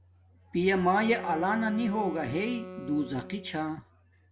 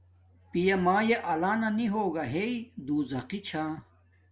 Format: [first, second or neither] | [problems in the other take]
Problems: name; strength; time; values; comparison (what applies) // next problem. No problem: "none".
second | background sound (Wind instrument, woodwind instrument); 13 dB below the speech